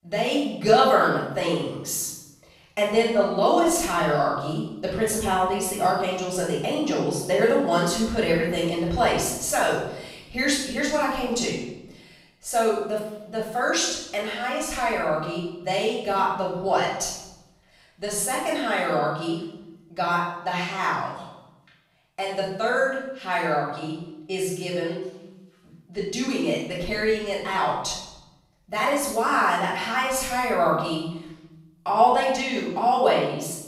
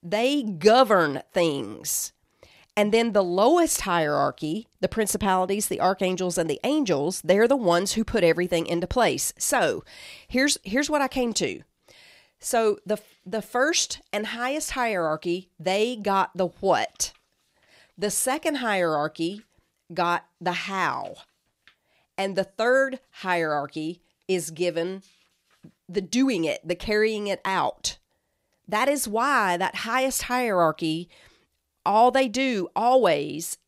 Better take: second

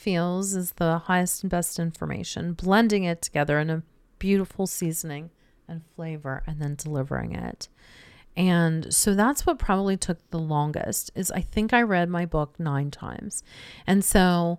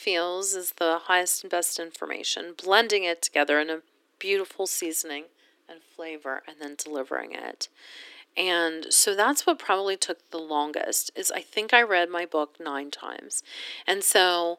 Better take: first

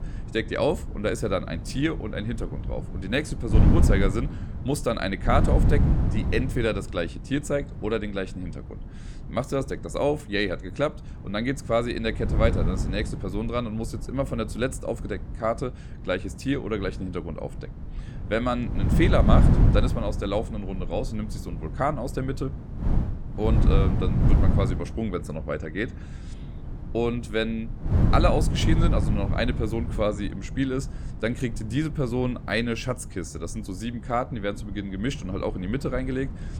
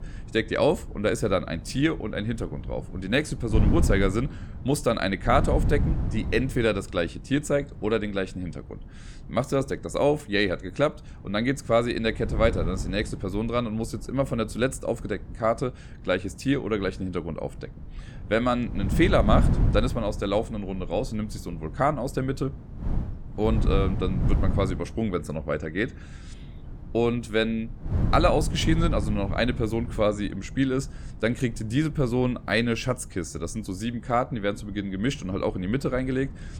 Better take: second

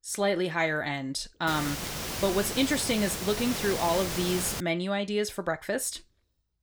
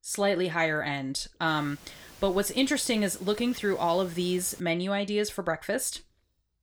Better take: second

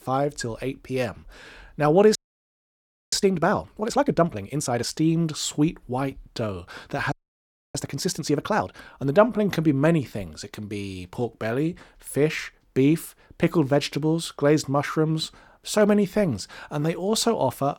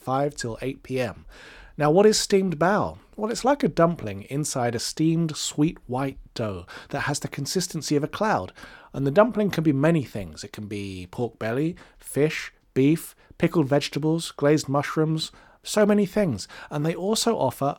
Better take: second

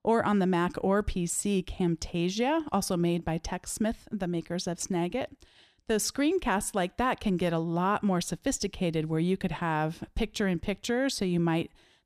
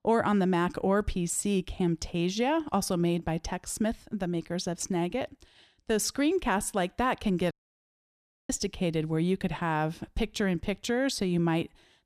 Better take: first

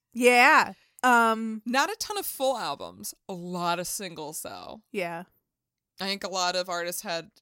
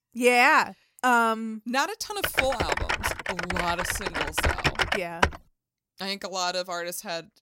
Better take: first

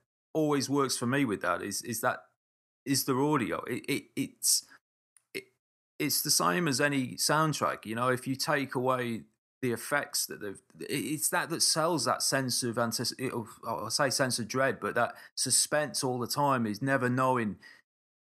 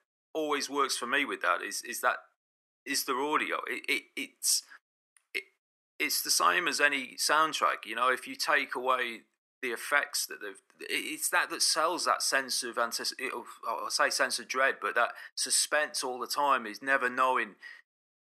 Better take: first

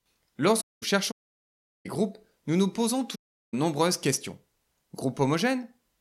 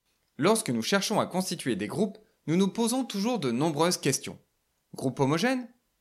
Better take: second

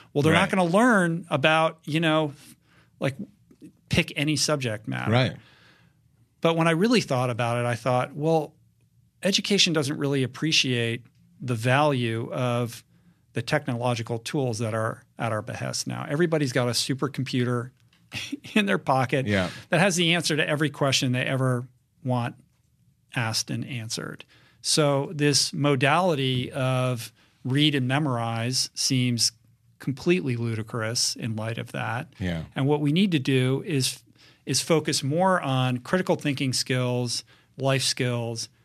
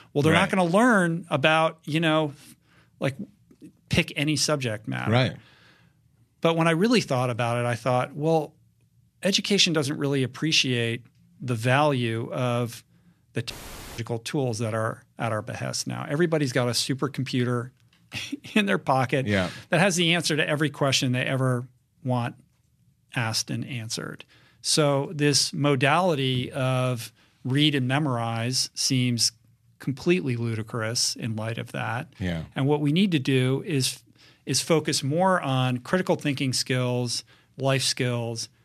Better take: first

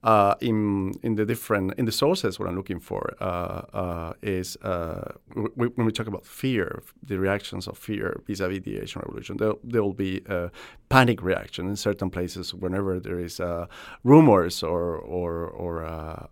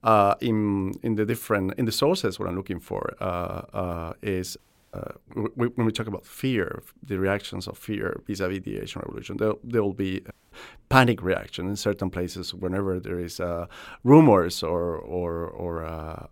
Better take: first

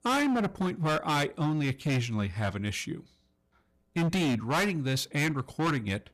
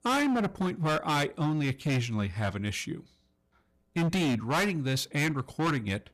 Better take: neither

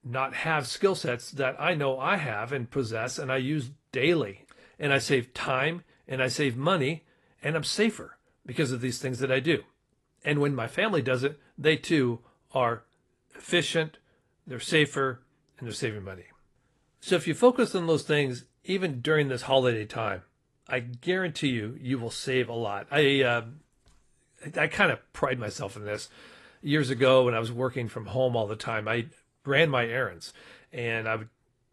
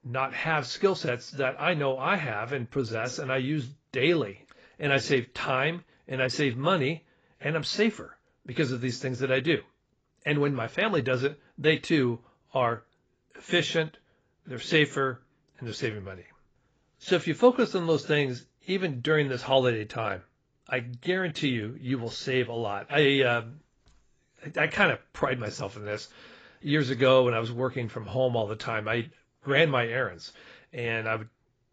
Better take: first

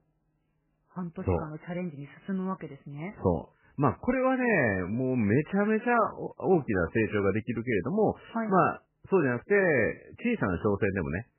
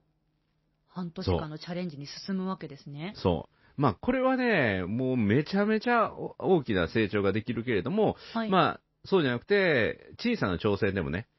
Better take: second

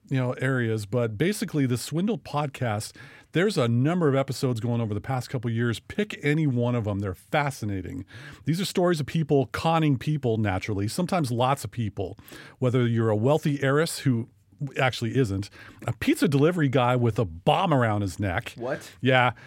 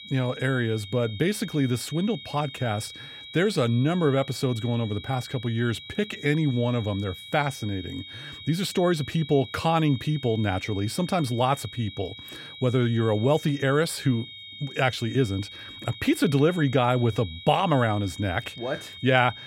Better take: first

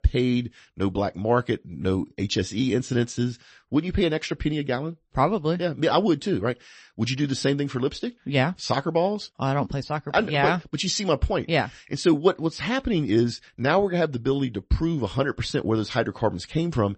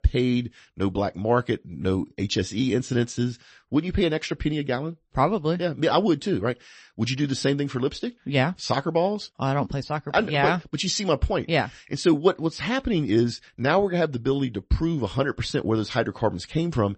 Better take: neither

